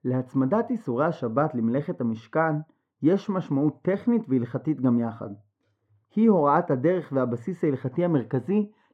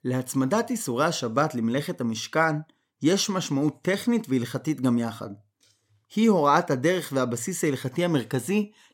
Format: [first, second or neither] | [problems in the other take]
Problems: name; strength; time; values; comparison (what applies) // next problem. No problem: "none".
second | muffled; very; fading above 3 kHz